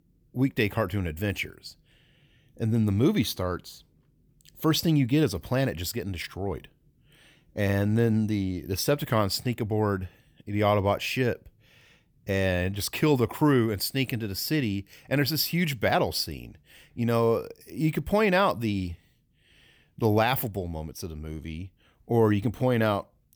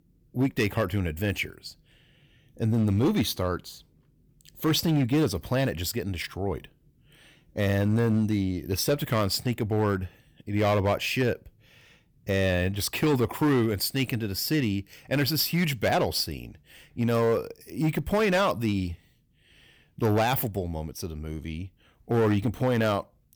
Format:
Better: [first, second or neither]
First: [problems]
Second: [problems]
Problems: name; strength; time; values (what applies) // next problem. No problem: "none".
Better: first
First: none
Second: distortion; slight; 6% of the sound clipped